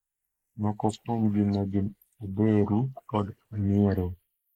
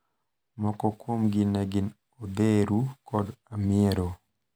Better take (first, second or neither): second